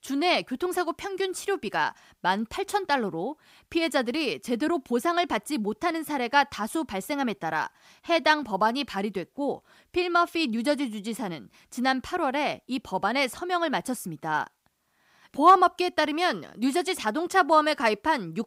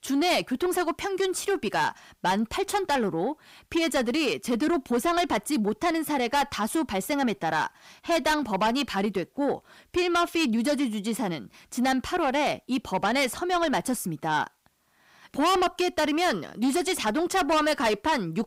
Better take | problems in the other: first | distortion; heavy; 6 dB below the speech

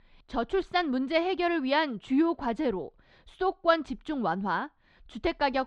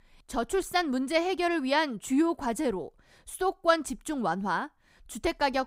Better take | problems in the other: second | muffled; very slightly; fading above 4 kHz

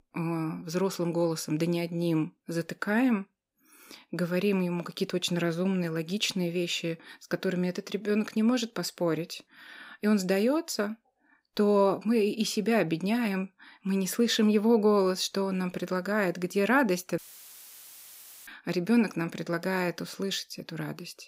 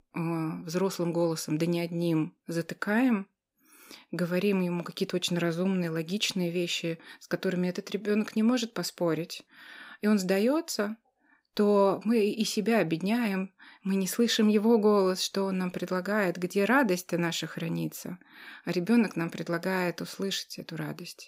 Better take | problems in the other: second | audio cutting out; filled with static; at 17 s for 1.5 s

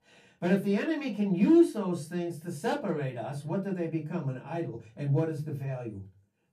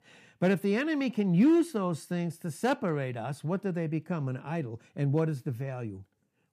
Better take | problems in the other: second | off-mic speech; far // room echo; very slight; dies away in 0.2 s

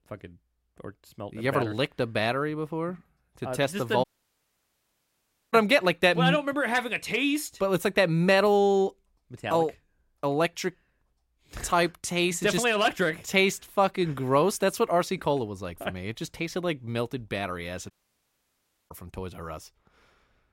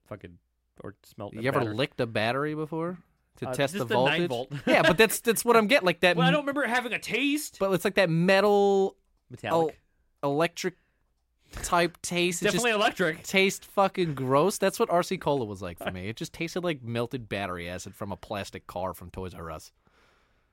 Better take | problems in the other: second | audio cutting out; at 4 s for 1.5 s and at 18 s for 1 s

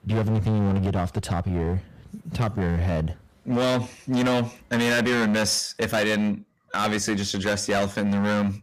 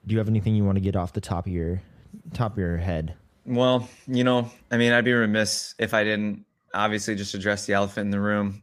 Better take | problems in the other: second | distortion; heavy; 19% of the sound clipped

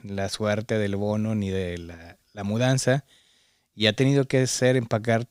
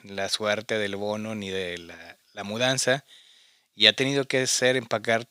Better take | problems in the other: first | thin; somewhat; fading below 1 kHz

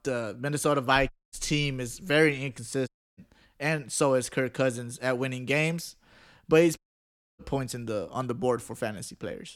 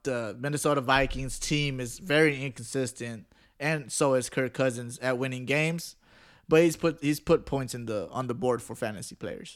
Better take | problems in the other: second | audio cutting out; at 1 s, at 3 s and at 7 s for 0.5 s

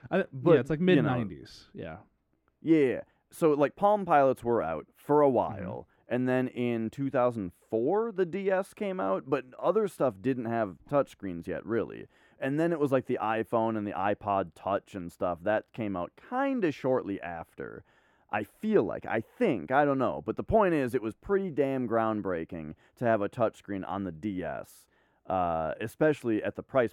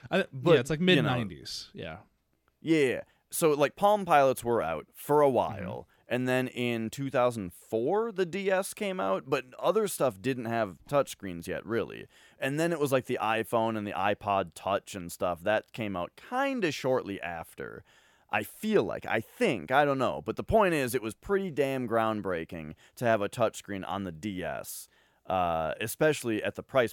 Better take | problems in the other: second | muffled; slightly; fading above 2.5 kHz

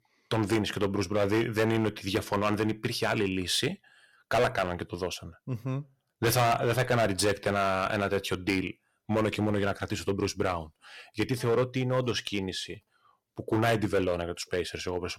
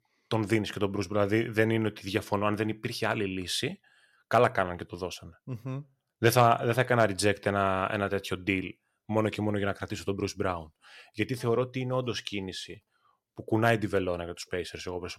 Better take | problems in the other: second | distortion; heavy; 6% of the sound clipped

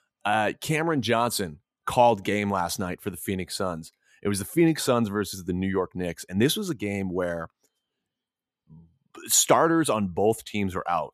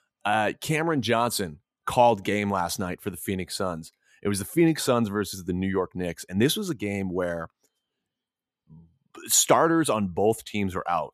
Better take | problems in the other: neither | none

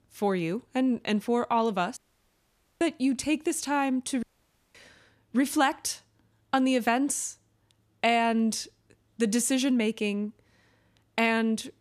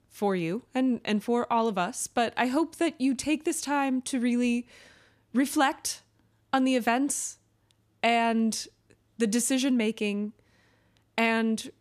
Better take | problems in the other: second | audio cutting out; at 2 s for 1 s and at 4 s for 0.5 s

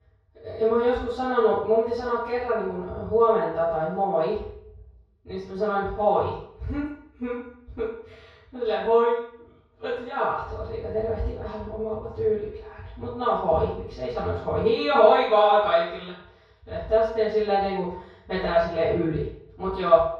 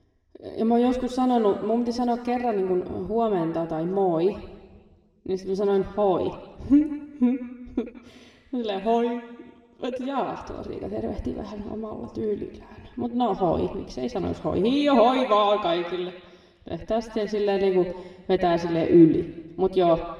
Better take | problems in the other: second | room echo; strong; dies away in 0.7 s; slight in the second // off-mic speech; far; somewhat distant in the second

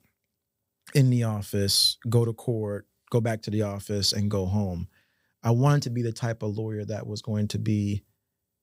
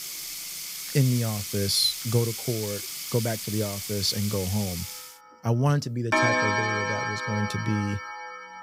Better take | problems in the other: first | household noises; loud; throughout; 2 dB below the speech

